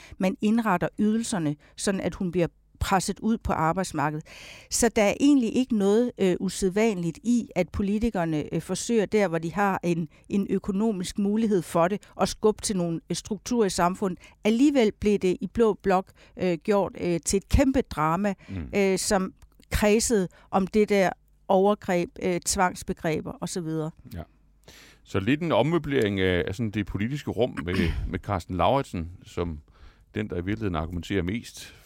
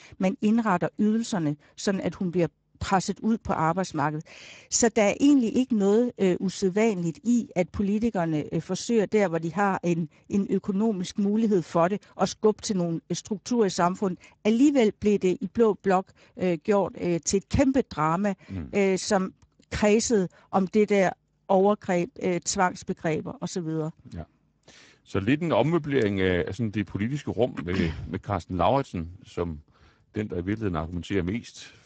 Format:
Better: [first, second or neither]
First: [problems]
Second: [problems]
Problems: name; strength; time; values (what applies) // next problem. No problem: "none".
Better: first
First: none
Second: garbled, watery; badly; nothing above 7.5 kHz